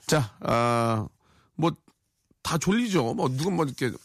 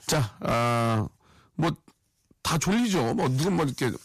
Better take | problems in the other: first | distortion; heavy; 15% of the sound clipped

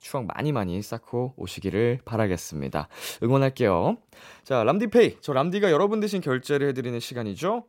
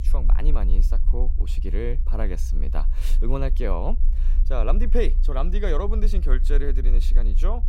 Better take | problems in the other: first | low rumble; noticeable; throughout; 15 dB below the speech

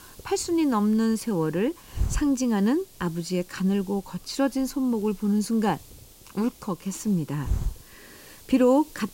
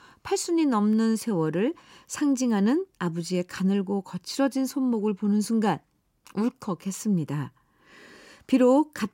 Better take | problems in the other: second | hiss; noticeable; throughout; 15 dB below the speech

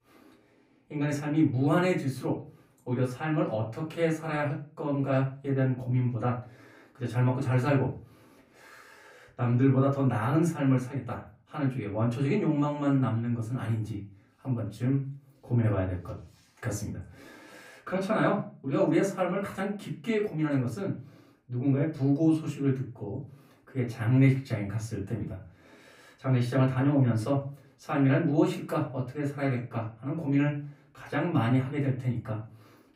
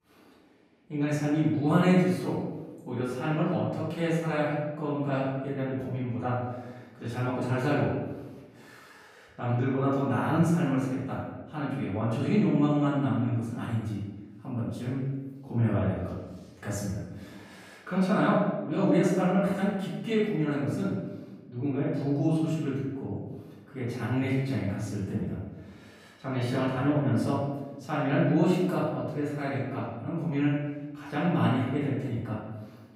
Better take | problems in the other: first | room echo; strong; dies away in 1.1 s; slight in the first // off-mic speech; far; far in the first

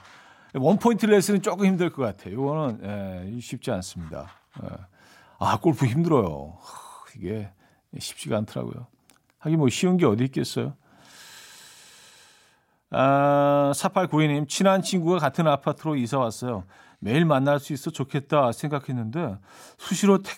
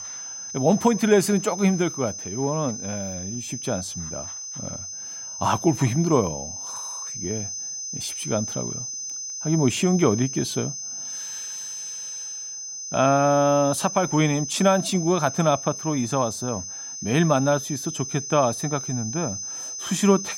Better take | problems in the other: first | high-pitched whine; loud; throughout; 6 kHz, 7 dB below the speech

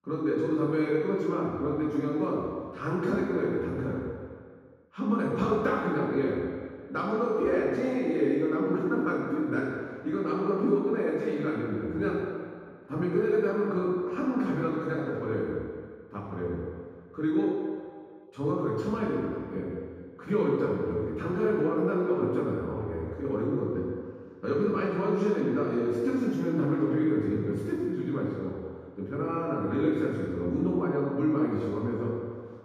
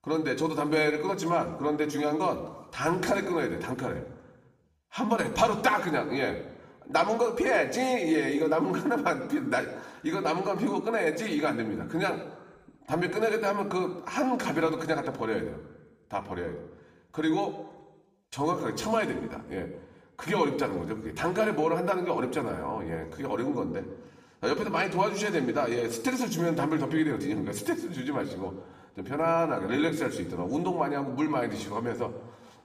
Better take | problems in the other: second | room echo; strong; dies away in 1.8 s; slight in the second // off-mic speech; far; somewhat distant in the second

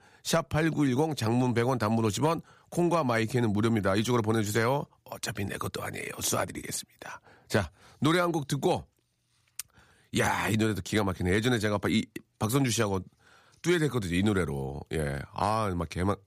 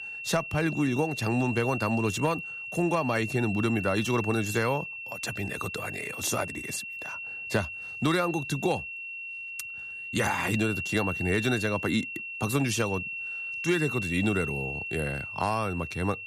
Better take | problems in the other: first | high-pitched whine; loud; throughout; 2.5 kHz, 5 dB below the speech

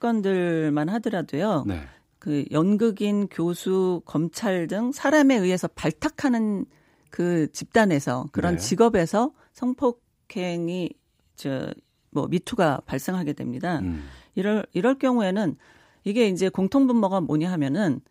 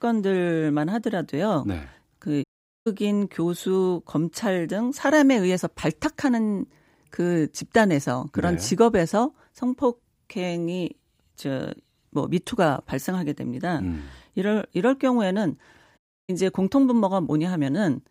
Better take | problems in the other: first | audio cutting out; at 2.5 s and at 16 s

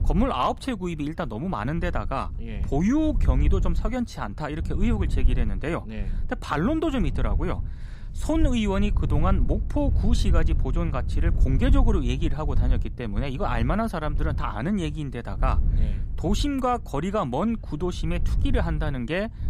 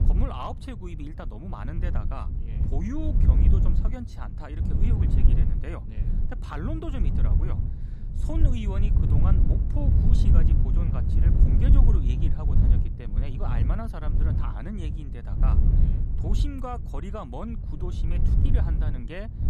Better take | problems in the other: first | wind noise on the microphone; heavy; 1 dB below the speech; occasional gusts in the first

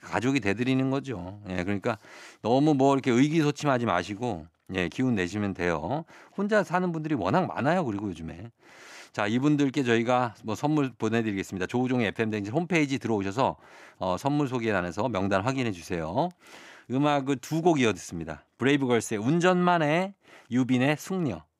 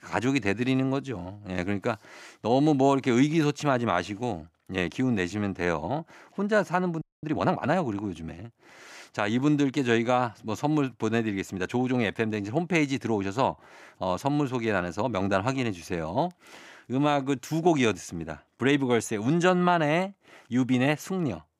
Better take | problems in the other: first | audio freezing; at 7 s

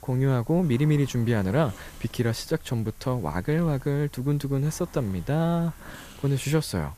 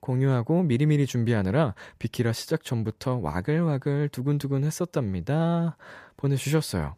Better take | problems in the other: second | hiss; faint; throughout; 20 dB below the speech

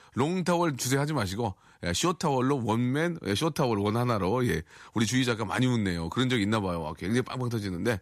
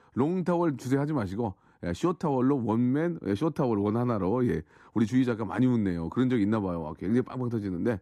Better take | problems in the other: first | muffled; slightly; fading above 2 kHz

